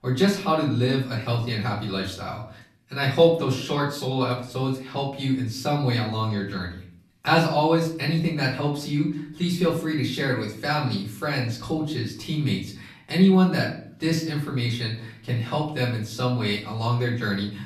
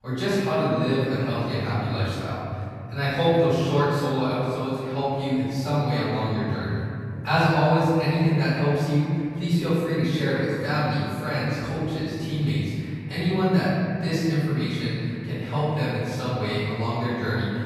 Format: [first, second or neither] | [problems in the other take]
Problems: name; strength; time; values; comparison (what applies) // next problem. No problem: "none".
first | room echo; strong; dies away in 3 s; slight in the first // off-mic speech; far; far in the first